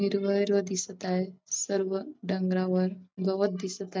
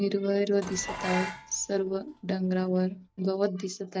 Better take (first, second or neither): first